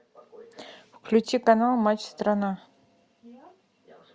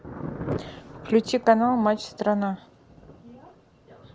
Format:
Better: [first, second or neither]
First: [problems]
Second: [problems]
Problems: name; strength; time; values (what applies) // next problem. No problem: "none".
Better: first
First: none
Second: background sound (Thunder); 12 dB below the speech